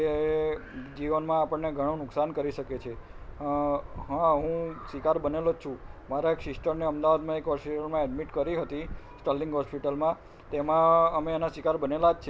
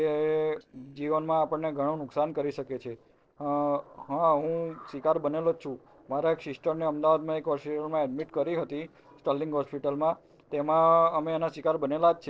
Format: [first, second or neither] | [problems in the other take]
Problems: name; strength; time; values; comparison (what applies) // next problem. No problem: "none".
first | noise reduction (neural separator model SepFormer DNS4)